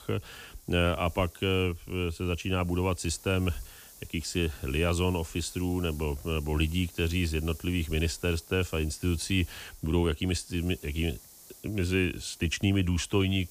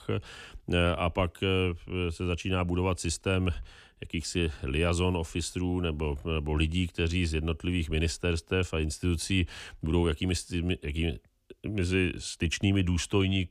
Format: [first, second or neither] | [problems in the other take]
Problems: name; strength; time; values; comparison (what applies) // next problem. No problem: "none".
second | hiss; noticeable; throughout; 20 dB below the speech